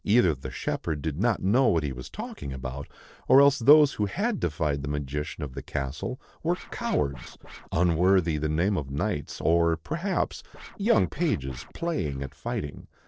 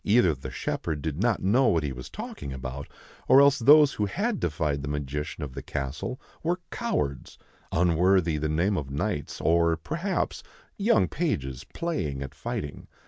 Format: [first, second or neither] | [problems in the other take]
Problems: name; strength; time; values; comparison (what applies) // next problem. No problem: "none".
second | noise reduction (neural separator model SepFormer DNS4)